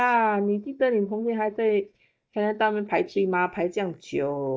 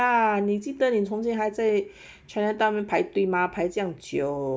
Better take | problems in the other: second | noise reduction (neural mask model DeepFilterNet 3)

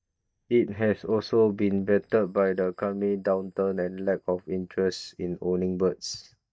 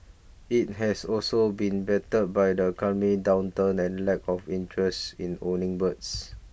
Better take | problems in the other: second | noise reduction (neural mask model DeepFilterNet 3)

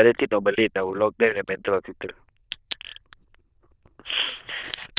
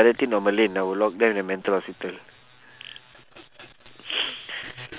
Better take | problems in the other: second | noise reduction (neural diffusion model UNIVERSE++)

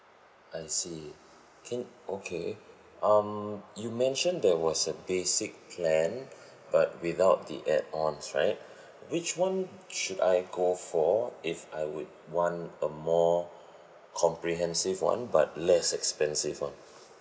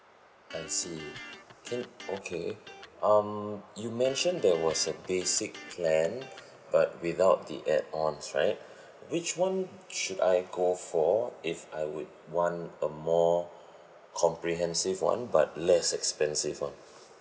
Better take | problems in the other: first | background sound (Electric guitar); 18 dB below the speech

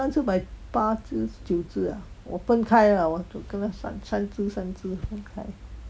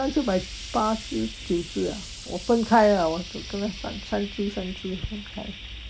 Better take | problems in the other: first | background sound (Frying (food)); 14 dB below the speech

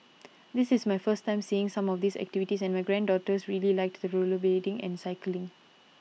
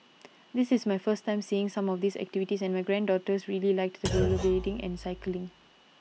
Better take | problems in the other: first | background sound (Thump, thud); 5 dB below the speech

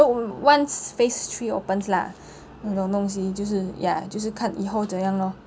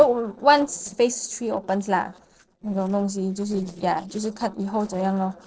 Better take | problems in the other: first | noise reduction (neural separator model SepFormer DNS4)

